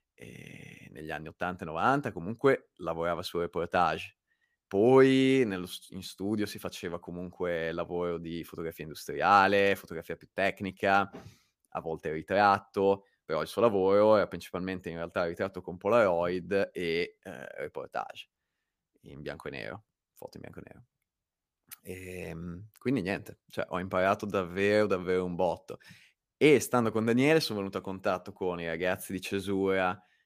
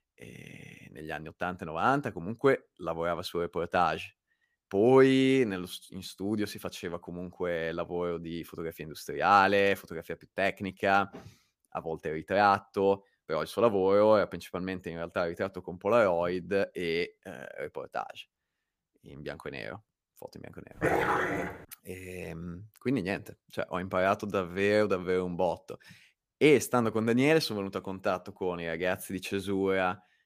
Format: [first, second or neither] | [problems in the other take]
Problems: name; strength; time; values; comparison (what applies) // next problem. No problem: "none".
first | dog barking; loud; at 21 s; peak 2 dB above the speech